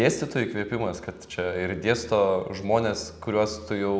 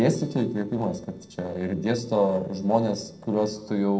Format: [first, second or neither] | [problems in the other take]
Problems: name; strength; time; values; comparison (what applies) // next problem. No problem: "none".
first | noise reduction (neural separator model SepFormer DNS4)